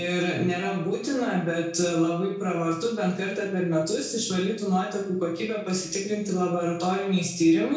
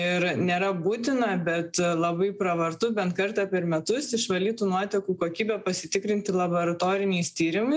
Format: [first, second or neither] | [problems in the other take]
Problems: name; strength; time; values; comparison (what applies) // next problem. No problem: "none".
second | room echo; dies away in 0.5 s